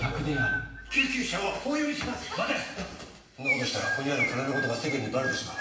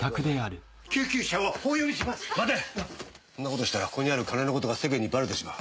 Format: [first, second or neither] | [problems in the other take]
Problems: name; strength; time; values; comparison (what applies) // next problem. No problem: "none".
second | background sound (Chirp, tweet); 4 dB below the speech // room echo; dies away in 0.8 s